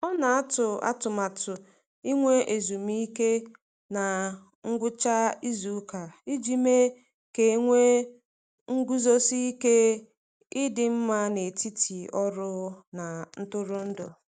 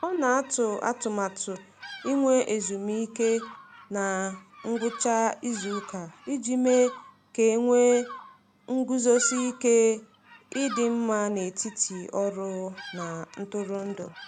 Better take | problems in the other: first | background sound (Bird vocalization, bird call, bird song); 17 dB below the speech

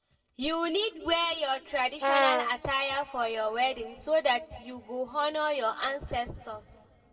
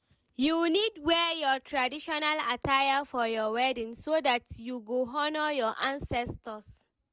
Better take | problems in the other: second | background sound (Brass instrument); 3 dB above the speech // room echo; dies away in 1.8 s

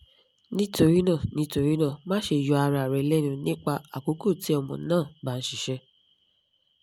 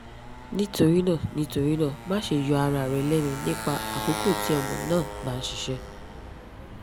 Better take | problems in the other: first | background sound (Motorcycle); 9 dB below the speech

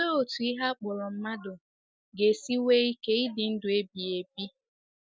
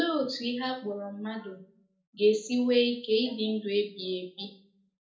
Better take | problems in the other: first | room echo; dies away in 0.4 s

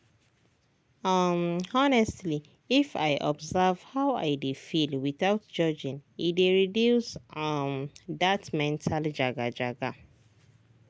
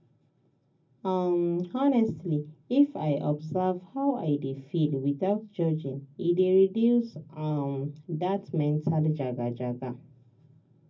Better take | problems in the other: first | room echo; dies away in 0.4 s

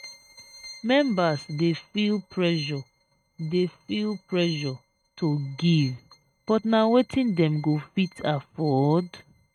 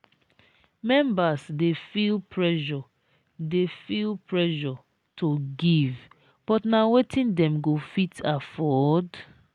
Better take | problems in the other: second | noise reduction (neural mask model RNNoise)

